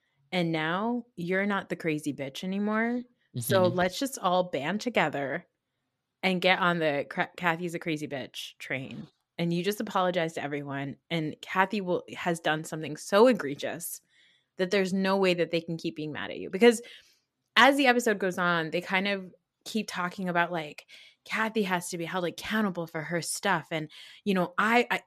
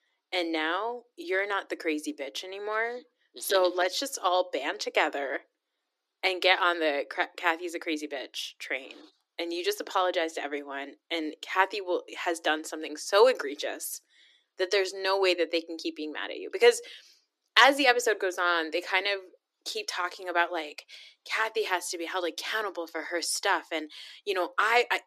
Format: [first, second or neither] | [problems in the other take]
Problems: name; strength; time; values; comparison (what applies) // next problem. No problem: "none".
first | thin; very; fading below 300 Hz